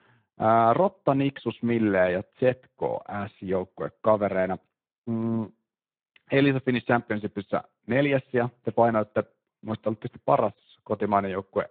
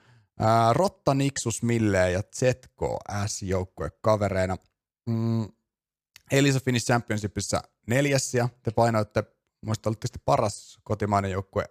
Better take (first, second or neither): second